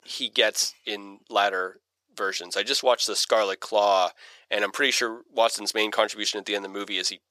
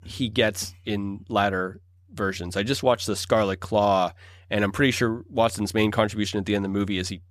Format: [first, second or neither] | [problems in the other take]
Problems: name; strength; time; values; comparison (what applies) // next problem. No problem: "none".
second | thin; very; fading below 450 Hz